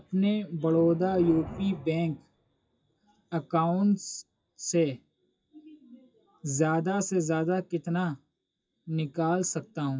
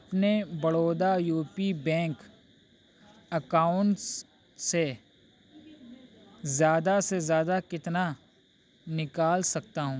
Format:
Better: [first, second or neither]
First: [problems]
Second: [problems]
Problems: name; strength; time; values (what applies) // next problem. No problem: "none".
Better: second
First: noise reduction (classical method WPE with log-MMSE)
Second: none